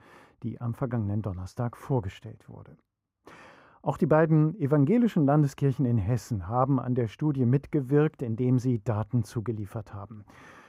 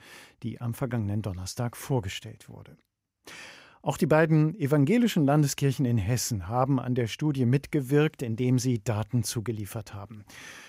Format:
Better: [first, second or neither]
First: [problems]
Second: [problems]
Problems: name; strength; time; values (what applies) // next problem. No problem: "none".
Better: second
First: muffled; very; fading above 2 kHz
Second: none